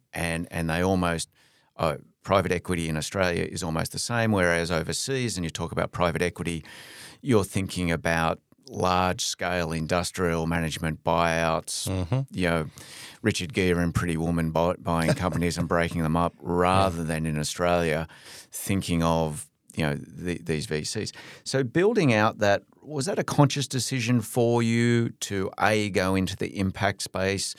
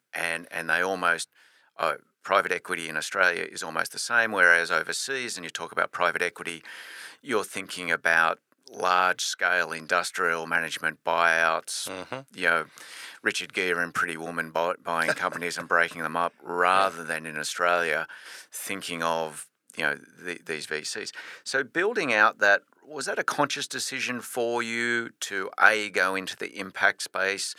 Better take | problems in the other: first | thin; very; fading below 400 Hz

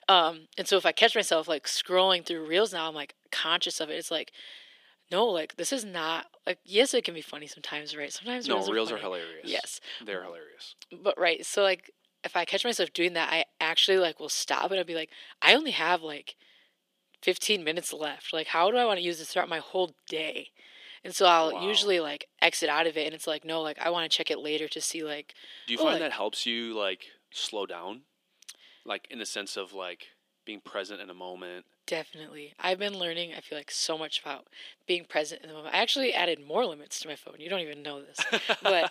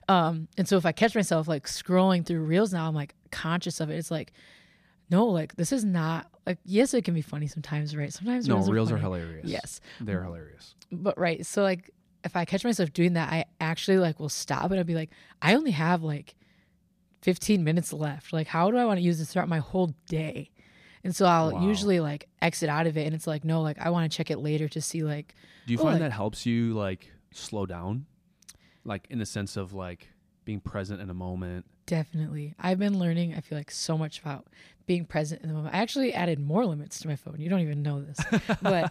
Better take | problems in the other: second | thin; very; fading below 350 Hz

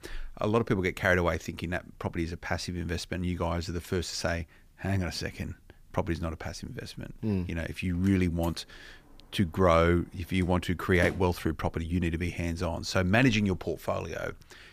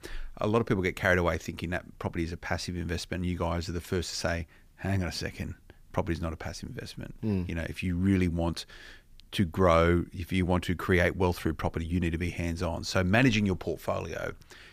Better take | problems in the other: second | door banging; noticeable; from 8 to 11 s; peak 8 dB below the speech

